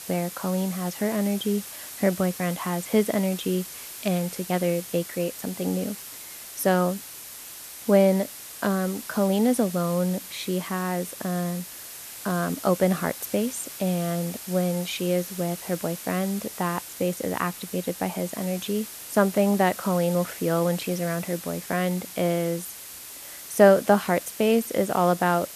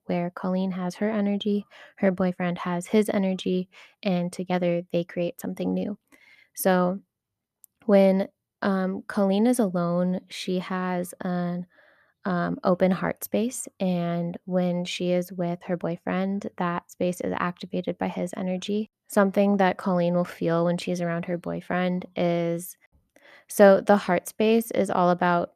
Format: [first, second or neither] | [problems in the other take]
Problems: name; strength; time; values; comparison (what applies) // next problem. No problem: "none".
second | hiss; noticeable; throughout; 10 dB below the speech